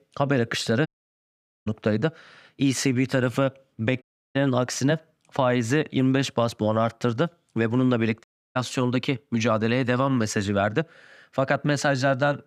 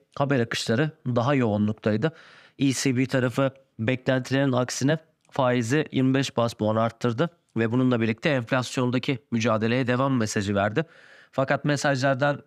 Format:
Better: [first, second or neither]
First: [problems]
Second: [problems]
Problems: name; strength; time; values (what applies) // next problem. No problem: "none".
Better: second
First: audio cutting out; at 1 s for 1 s, at 4 s and at 8 s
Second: none